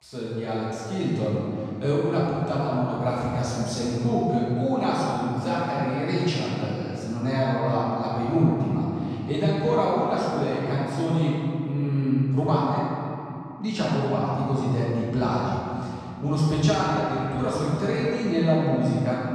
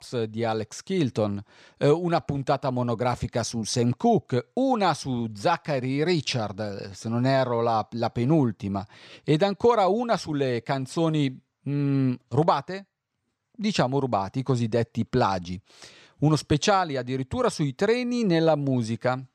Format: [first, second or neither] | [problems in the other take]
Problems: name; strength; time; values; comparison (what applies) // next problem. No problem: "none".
second | room echo; strong; dies away in 2.7 s // off-mic speech; far